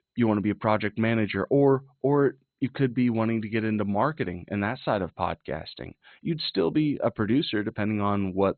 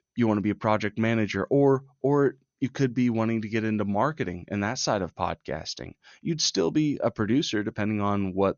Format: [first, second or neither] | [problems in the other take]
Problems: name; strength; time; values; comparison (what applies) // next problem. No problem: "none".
second | garbled, watery; badly; nothing above 4 kHz; slightly in the second